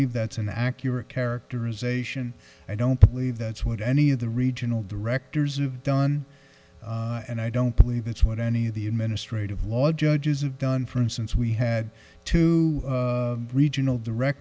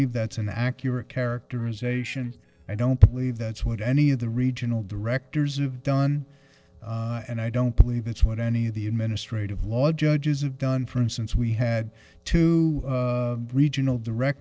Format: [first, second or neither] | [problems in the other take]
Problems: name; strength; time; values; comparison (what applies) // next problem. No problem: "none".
first | noise reduction (neural separator model SepFormer DNS4)